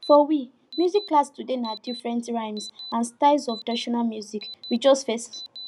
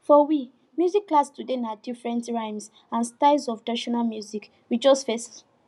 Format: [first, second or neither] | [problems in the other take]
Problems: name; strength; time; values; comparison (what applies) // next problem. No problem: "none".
second | background sound (Alarm); 18 dB below the speech